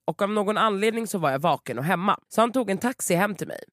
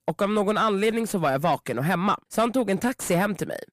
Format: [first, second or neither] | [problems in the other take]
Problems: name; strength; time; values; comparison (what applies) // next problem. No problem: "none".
first | distortion; slight; 10 dB below the speech